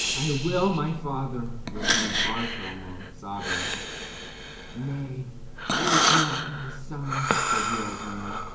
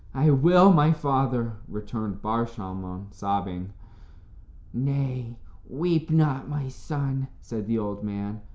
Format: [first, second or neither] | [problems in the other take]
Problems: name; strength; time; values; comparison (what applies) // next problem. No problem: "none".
second | background sound (Breathing); 2 dB above the speech // room echo; dies away in 0.9 s